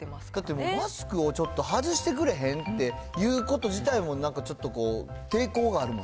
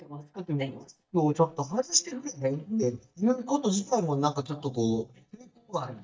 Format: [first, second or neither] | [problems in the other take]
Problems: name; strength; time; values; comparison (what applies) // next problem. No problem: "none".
first | noise reduction (neural mask model DeepFilterNet 3)